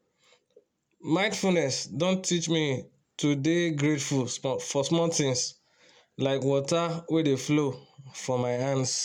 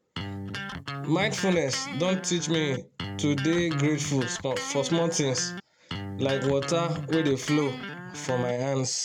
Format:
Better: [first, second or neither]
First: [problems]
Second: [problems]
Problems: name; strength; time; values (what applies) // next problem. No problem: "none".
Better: first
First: none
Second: background sound (Electric guitar); 8 dB below the speech